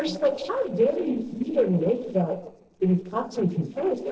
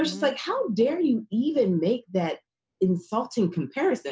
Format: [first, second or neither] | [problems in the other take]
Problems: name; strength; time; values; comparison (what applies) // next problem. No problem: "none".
second | noise reduction (neural separator model SepFormer DNS4)